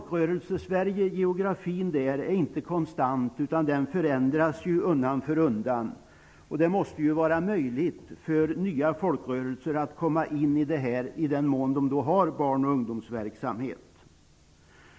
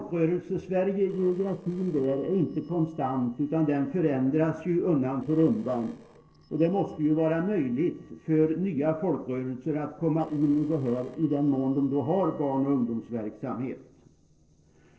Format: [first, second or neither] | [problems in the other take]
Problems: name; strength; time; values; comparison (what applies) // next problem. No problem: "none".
first | noise reduction (neural separator model SepFormer DNS4)